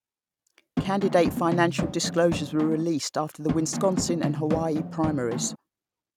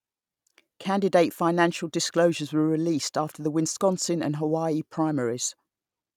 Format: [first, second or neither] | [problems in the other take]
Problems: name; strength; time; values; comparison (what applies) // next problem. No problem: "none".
second | background sound (Drum); 4 dB below the speech